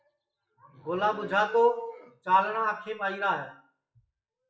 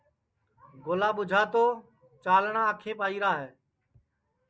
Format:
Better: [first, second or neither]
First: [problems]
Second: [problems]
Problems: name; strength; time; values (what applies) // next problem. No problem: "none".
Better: second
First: noise reduction (classical method WPE with log-MMSE)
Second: none